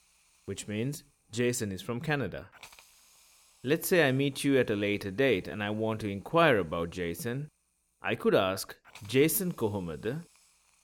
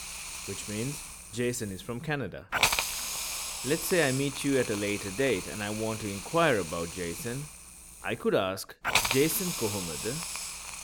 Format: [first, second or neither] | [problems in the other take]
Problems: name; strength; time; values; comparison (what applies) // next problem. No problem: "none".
first | hiss; loud; throughout; 2 dB below the speech; faint in the first